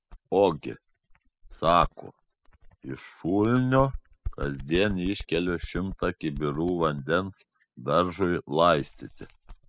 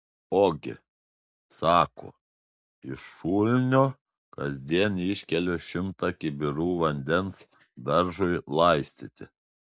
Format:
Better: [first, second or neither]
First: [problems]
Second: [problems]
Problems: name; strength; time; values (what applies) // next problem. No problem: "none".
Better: second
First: noise reduction (classical method spectral subtraction)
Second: none